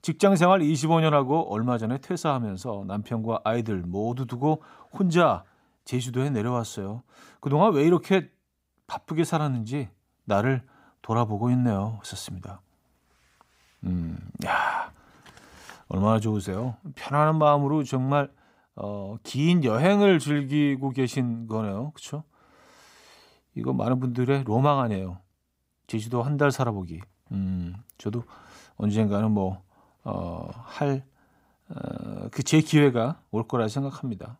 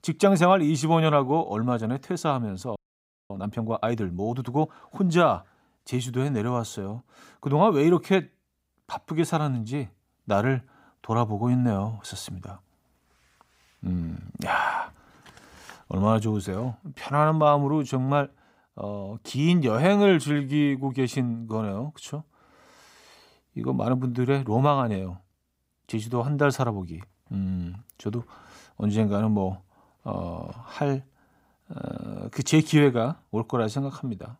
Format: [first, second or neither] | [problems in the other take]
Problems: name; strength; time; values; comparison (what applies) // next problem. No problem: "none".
first | audio freezing; at 3 s for 0.5 s